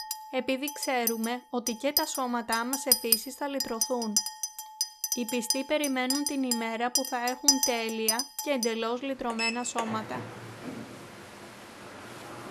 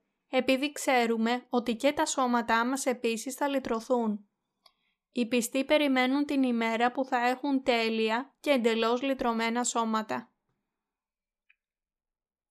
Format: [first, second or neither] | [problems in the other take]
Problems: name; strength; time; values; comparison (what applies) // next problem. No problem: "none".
second | household noises; very loud; throughout; 2 dB above the speech